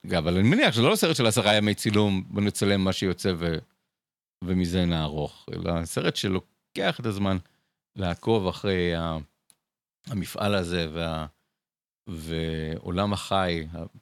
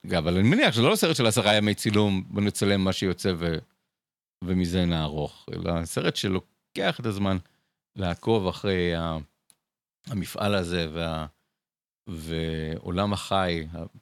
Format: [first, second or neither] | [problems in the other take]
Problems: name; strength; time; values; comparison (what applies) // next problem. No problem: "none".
neither | none